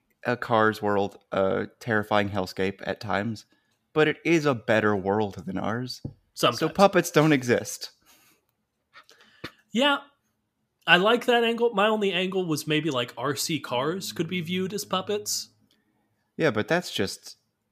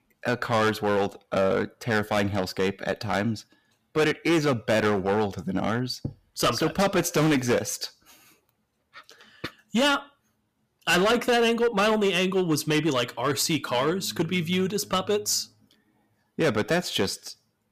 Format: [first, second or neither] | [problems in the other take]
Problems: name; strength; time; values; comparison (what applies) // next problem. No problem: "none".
first | distortion; heavy; 9% of the sound clipped